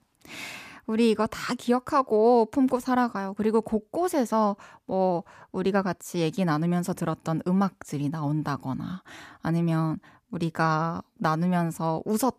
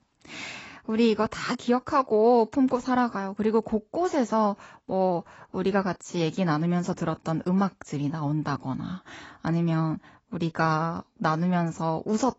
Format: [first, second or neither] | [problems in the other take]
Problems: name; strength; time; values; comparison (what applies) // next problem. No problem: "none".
first | garbled, watery; badly; nothing above 8 kHz